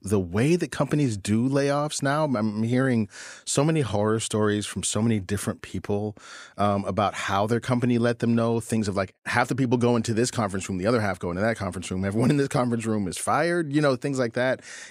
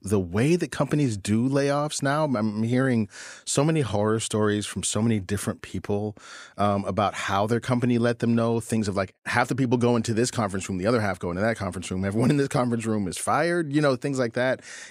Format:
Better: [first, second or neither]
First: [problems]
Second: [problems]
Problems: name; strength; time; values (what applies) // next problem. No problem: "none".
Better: neither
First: none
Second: none